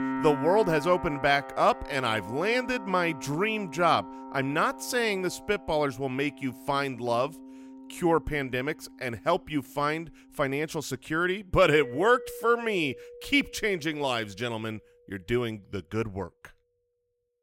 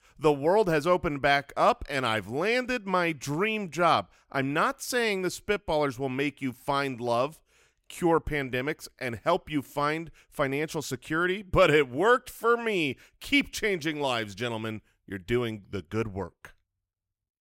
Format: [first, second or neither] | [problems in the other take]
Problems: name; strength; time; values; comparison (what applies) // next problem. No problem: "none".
second | background music; noticeable; throughout; 15 dB below the speech